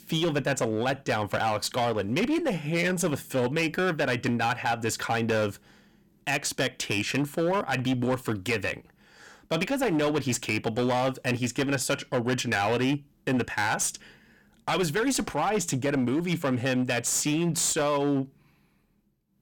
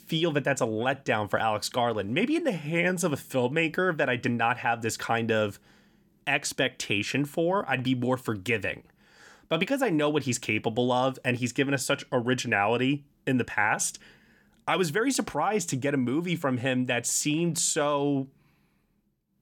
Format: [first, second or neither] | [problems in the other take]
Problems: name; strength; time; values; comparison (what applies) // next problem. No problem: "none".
second | distortion; slight; 12% of the sound clipped